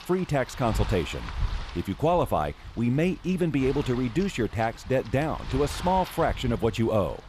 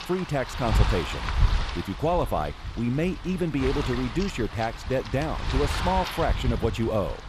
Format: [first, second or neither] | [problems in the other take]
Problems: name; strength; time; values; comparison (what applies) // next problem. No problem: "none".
first | wind noise on the microphone; heavy; 5 dB below the speech; occasional gusts in the first